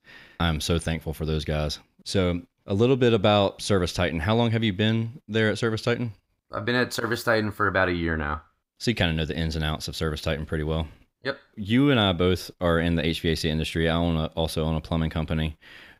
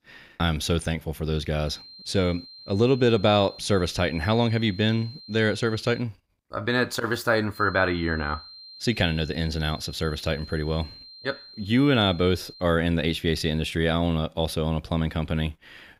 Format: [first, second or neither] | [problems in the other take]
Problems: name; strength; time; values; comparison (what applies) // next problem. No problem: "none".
first | high-pitched whine; noticeable; from 1.5 to 6 s and from 7.5 to 13 s; 4 kHz, 20 dB below the speech